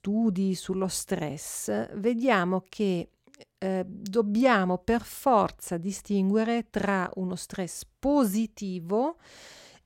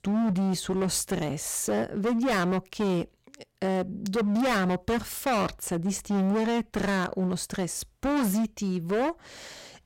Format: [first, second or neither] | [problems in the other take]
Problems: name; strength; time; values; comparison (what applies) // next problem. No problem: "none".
first | distortion; heavy; 21% of the sound clipped